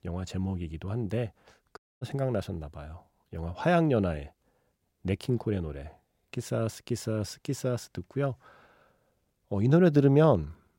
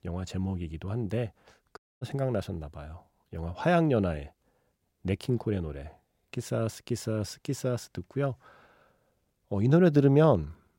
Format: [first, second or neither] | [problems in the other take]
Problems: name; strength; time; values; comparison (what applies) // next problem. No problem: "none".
neither | audio cutting out; at 2 s; the same in both